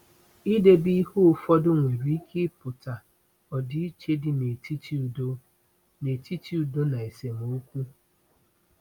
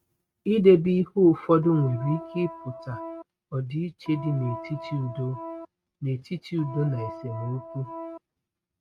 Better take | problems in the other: first | noise reduction (neural mask model RNNoise)

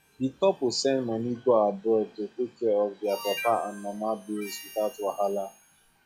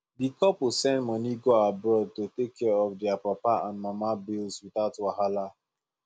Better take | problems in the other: second | noise reduction (classical method log-MMSE)

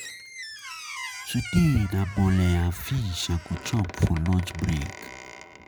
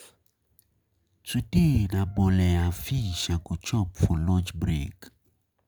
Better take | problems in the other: second | background sound (Squeak); 14 dB below the speech

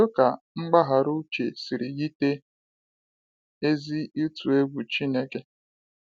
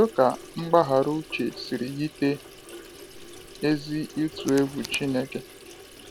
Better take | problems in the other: first | background sound (Tools + Sink (filling or washing) / Water tap, faucet); 16 dB below the speech

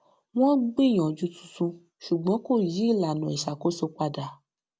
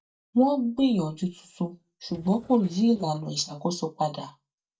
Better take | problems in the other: first | noise reduction (neural mask model DeepFilterNet 3)

